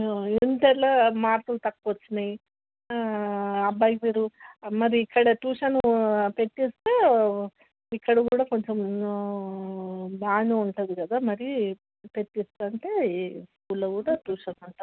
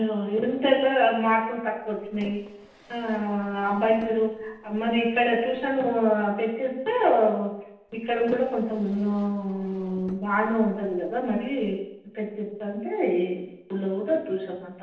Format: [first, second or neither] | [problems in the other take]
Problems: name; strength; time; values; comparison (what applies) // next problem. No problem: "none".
first | noise reduction (neural separator model SepFormer DNS4)